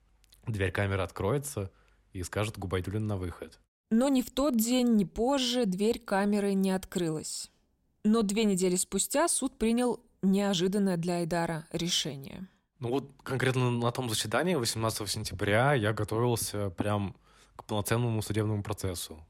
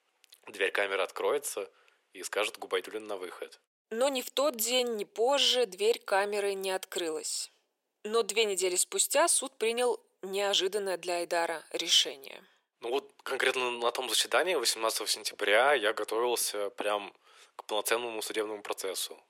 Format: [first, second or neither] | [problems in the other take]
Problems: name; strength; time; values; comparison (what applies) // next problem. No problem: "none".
first | thin; very; fading below 450 Hz